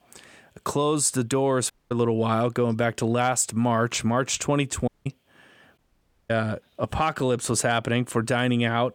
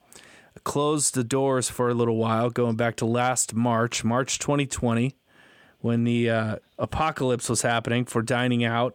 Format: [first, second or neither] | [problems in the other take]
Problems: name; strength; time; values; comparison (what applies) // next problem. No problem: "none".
second | audio cutting out; at 1.5 s, at 5 s and at 6 s for 0.5 s